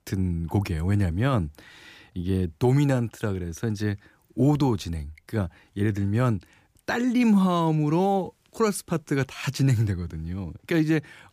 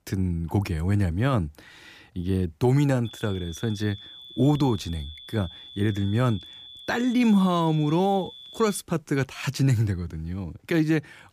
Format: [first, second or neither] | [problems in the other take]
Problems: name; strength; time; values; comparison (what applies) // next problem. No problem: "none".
first | high-pitched whine; noticeable; from 3 to 9 s; 3.5 kHz, 15 dB below the speech